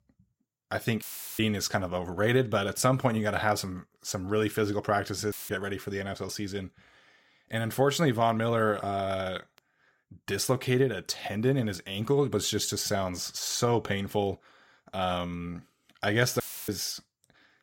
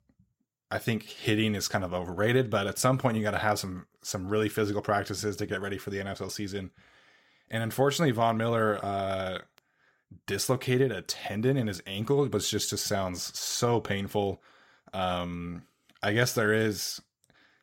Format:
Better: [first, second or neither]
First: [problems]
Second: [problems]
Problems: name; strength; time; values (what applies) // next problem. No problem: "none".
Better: second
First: audio cutting out; filled with static; at 1 s, at 5.5 s and at 16 s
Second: none